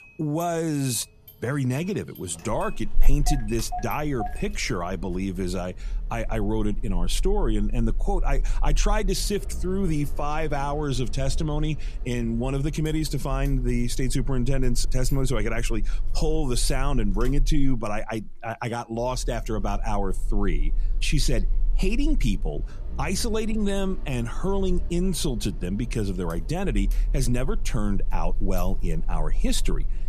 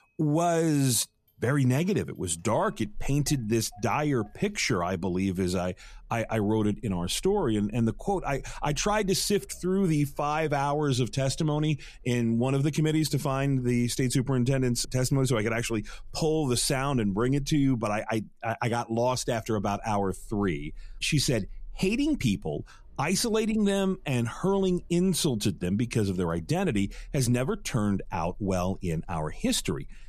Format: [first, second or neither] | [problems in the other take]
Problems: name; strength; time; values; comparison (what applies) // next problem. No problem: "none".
second | traffic noise; loud; throughout; 4 dB below the speech; faint in the second